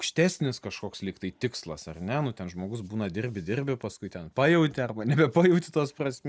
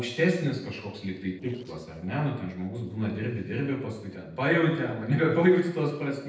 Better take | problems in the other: first | noise reduction (neural separator model SepFormer DNS4)

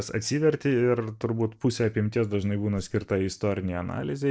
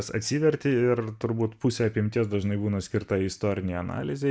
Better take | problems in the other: second | noise reduction (neural separator model SepFormer DNS4)

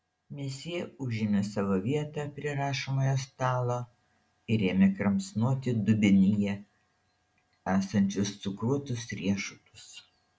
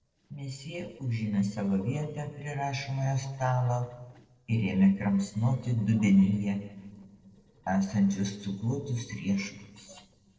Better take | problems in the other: first | noise reduction (neural separator model SepFormer DNS4)

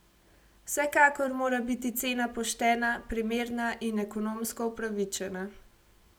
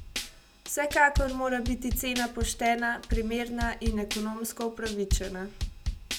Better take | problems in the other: first | background sound (Drum kit); 4 dB below the speech

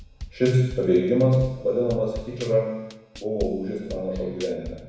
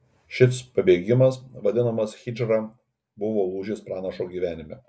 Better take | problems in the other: second | background sound (Drum kit); 15 dB below the speech // room echo; dies away in 1.1 s

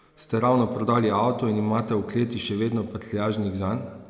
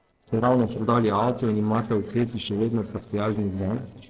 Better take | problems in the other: first | noise reduction (neural separator model SepFormer DNS4)

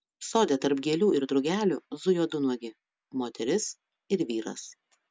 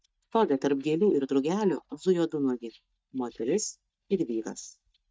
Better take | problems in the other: first | noise reduction (neural mask model DeepFilterNet 3)

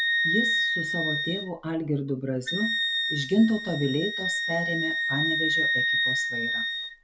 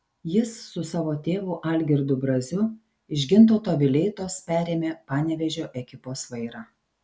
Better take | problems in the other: second | background sound (Wind instrument, woodwind instrument); 2 dB above the speech

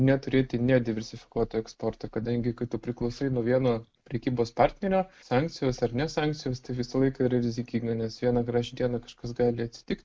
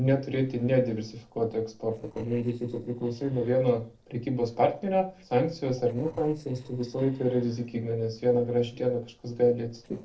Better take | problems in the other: first | noise reduction (neural separator model SepFormer DNS4)

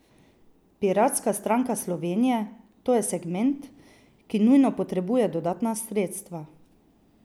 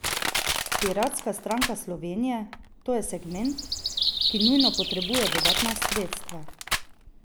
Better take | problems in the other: first | background sound (Crushing + Bird vocalization, bird call, bird song); 1 dB above the speech

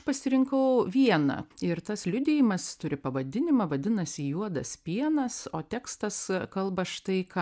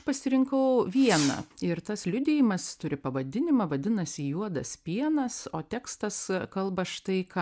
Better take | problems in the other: first | background sound (Fireworks); 11 dB below the speech

